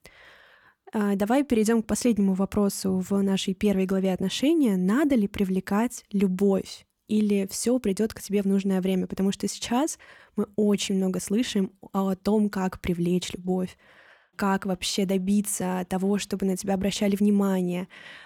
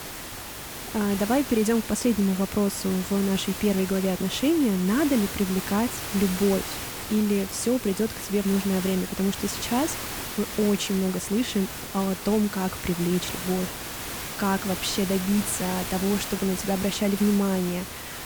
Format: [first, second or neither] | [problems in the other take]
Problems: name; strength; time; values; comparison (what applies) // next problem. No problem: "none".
first | hiss; loud; throughout; 7 dB below the speech